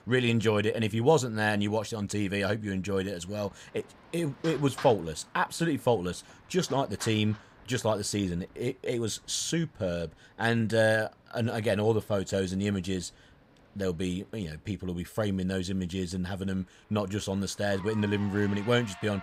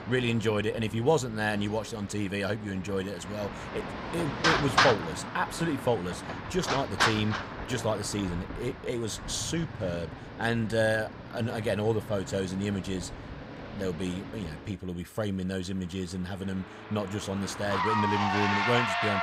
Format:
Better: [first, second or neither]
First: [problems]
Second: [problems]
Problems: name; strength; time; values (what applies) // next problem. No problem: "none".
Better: first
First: traffic noise; faint; throughout; 20 dB below the speech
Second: traffic noise; loud; throughout; 1 dB below the speech